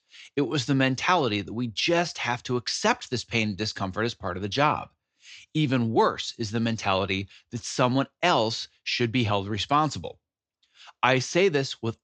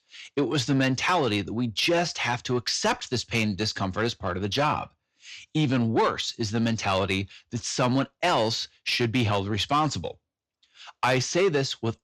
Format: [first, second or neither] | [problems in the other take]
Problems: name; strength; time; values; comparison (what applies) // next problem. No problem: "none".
first | distortion; slight; 10 dB below the speech